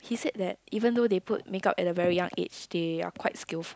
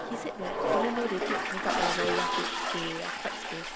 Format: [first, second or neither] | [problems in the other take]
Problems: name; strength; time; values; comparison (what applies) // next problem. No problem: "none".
first | background sound (Toilet flush + Alarm); 5 dB above the speech